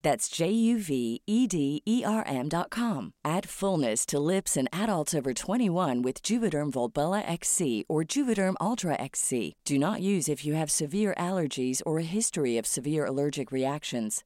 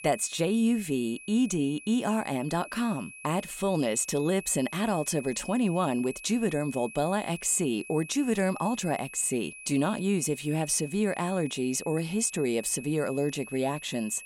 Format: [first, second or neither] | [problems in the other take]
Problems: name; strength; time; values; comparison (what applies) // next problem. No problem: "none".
first | high-pitched whine; noticeable; throughout; 2.5 kHz, 15 dB below the speech